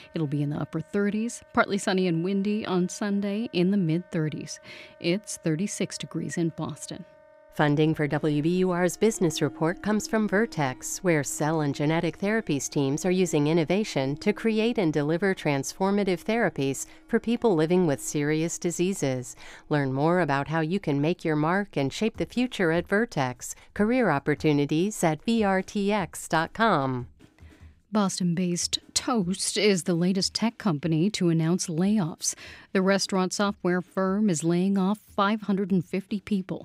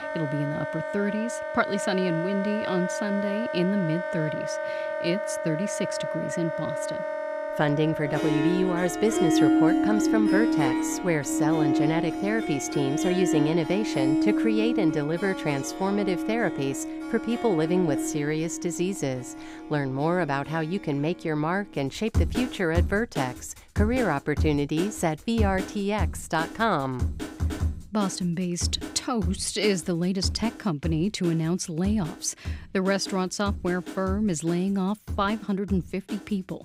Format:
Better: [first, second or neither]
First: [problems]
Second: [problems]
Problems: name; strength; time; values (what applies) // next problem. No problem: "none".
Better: first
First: background music; faint; throughout; 25 dB below the speech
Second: background music; loud; throughout; 2 dB below the speech